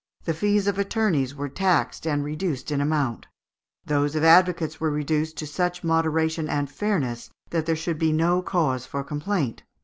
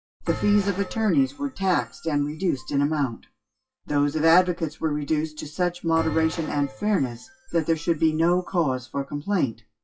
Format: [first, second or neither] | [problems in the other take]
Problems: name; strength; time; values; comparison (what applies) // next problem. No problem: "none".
first | noise reduction (classical method WPE with log-MMSE)